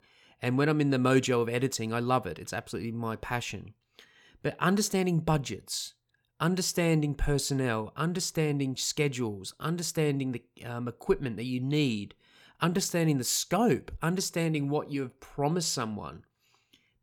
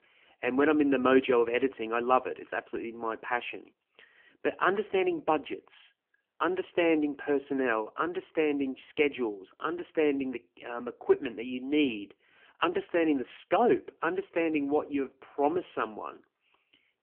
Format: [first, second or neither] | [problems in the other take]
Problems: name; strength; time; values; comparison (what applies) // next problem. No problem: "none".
first | phone-call audio; poor line; nothing above 3 kHz